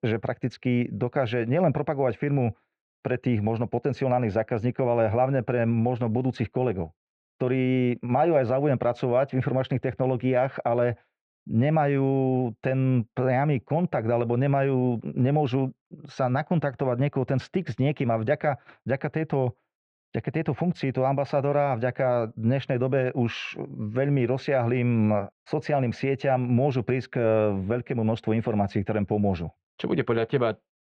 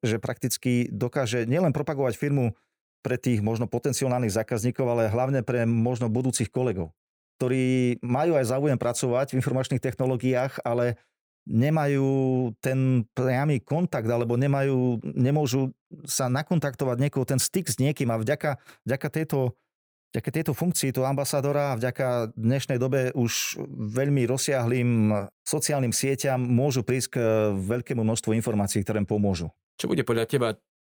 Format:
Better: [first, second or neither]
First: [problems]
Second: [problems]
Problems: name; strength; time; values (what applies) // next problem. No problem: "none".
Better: second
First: muffled; very; fading above 3 kHz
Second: none